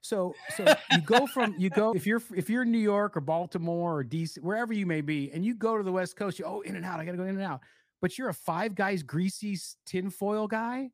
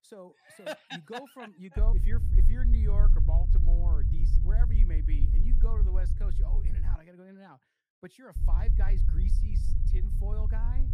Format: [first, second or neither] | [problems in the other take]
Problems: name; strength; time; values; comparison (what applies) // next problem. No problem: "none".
first | low rumble; loud; from 2 to 7 s and from 8.5 s on; 4 dB below the speech